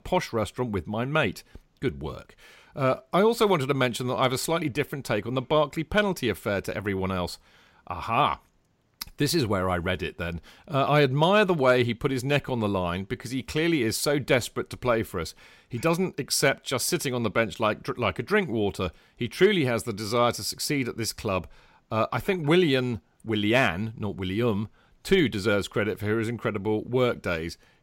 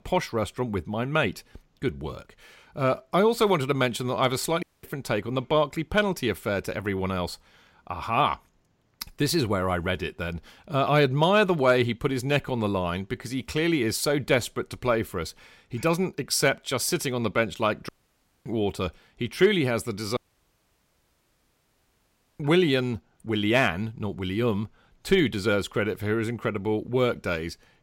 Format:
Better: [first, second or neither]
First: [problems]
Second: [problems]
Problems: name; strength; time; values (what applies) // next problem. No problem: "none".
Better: first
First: none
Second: audio cutting out; at 4.5 s, at 18 s for 0.5 s and at 20 s for 2 s